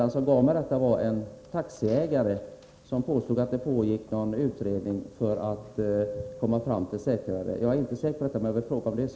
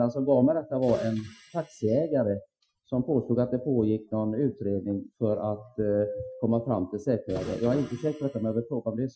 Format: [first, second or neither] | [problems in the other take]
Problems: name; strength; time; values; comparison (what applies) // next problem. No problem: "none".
first | noise reduction (classical method Wiener filter)